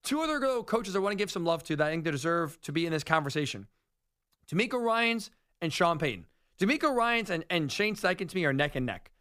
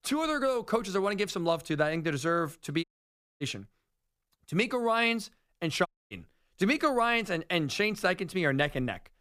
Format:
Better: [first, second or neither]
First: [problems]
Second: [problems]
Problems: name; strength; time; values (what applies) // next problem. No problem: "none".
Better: first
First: none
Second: audio cutting out; at 3 s for 0.5 s and at 6 s